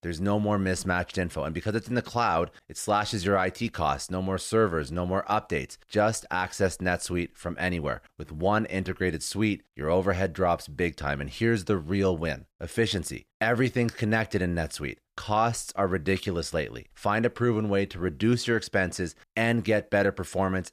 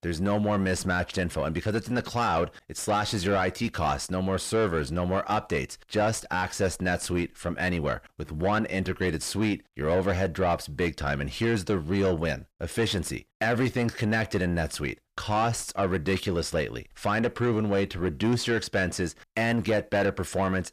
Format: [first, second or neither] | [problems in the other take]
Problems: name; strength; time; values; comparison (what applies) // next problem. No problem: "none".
first | distortion; slight; 10 dB below the speech